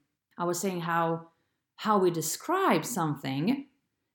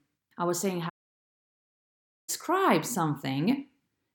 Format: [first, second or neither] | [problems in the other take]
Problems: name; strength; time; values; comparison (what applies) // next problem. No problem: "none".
first | audio cutting out; at 1 s for 1.5 s